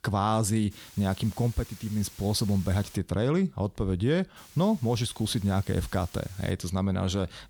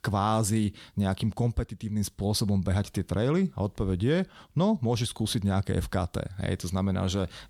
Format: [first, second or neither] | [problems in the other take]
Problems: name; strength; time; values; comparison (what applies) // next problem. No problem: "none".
second | hiss; faint; from 0.5 to 3 s and from 4.5 to 6.5 s; 20 dB below the speech